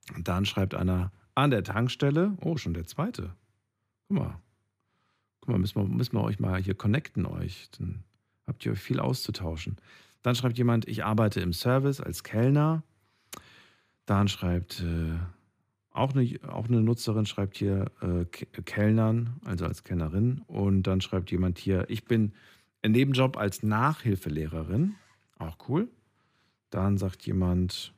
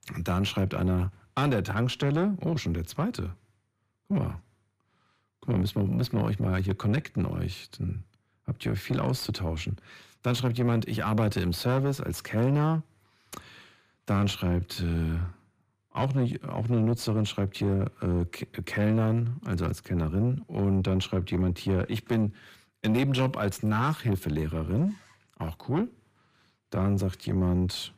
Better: first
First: none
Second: distortion; slight; 10 dB below the speech

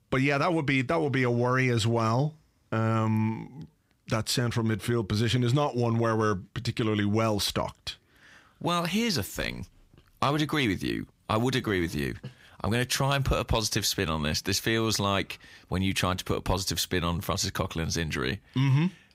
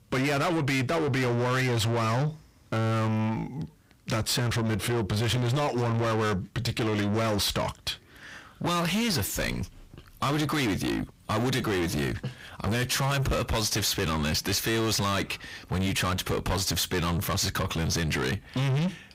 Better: first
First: none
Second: distortion; heavy; 7 dB below the speech

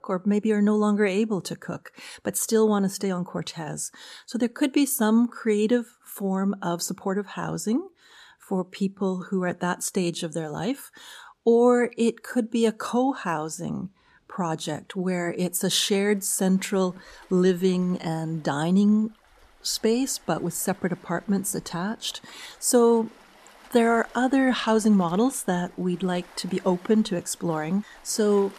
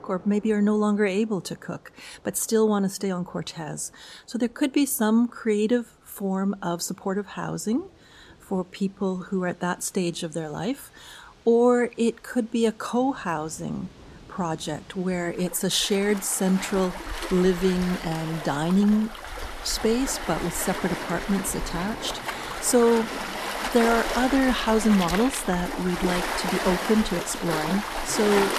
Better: first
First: rain or running water; faint; throughout; 25 dB below the speech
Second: rain or running water; loud; throughout; 6 dB below the speech

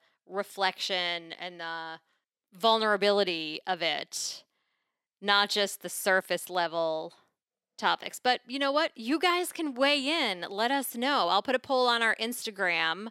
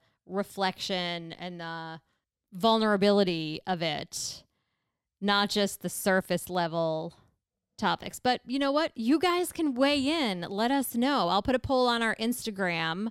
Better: second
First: thin; somewhat; fading below 350 Hz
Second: none

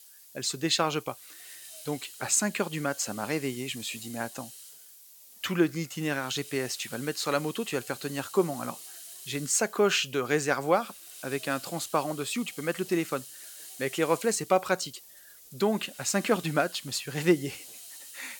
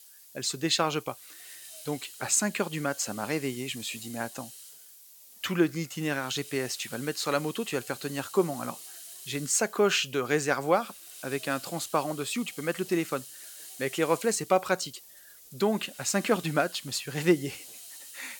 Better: neither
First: hiss; noticeable; throughout; 15 dB below the speech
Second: hiss; noticeable; throughout; 15 dB below the speech

